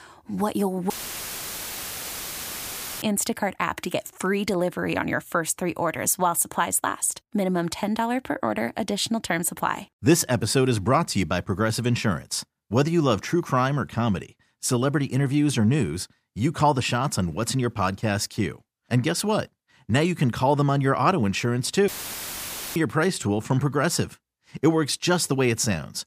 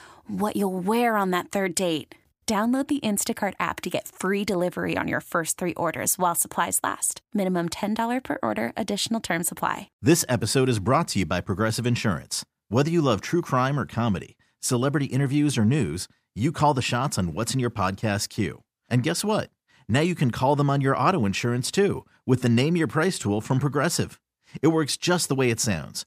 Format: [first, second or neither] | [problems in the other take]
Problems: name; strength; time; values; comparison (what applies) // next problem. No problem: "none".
second | audio cutting out; filled with static; at 1 s for 2 s and at 22 s for 1 s